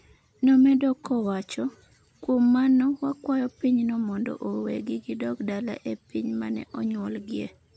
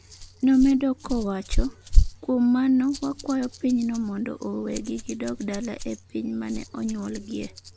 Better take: first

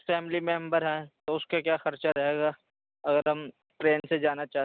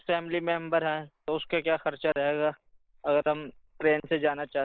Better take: first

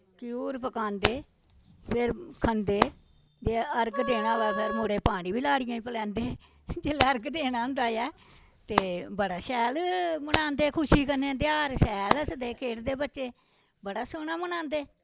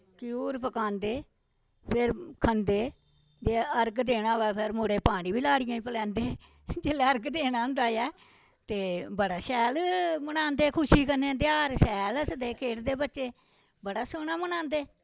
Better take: second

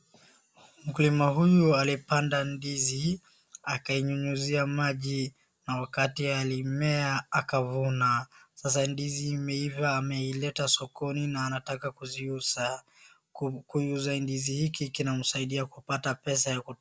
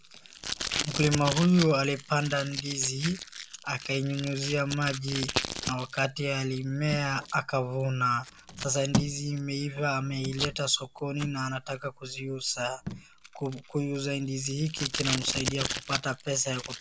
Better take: first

